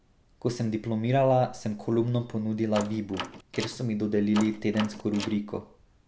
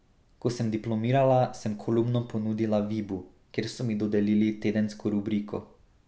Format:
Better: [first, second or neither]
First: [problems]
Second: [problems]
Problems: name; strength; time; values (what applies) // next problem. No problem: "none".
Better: second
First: background sound (Door); 12 dB below the speech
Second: none